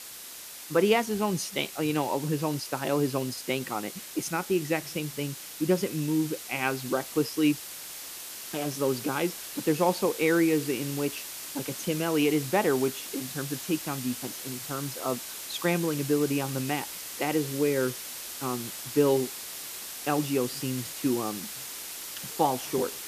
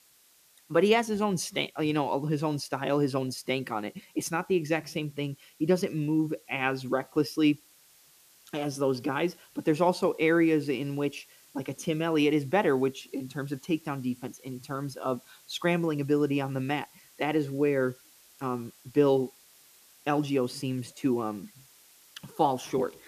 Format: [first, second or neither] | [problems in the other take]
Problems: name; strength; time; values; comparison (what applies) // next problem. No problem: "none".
second | hiss; loud; throughout; 8 dB below the speech; faint in the second